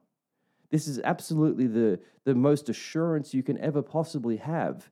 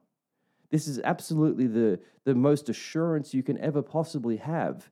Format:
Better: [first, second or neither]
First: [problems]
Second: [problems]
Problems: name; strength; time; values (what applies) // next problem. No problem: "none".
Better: neither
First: muffled; slightly; fading above 1.5 kHz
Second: muffled; slightly; fading above 1.5 kHz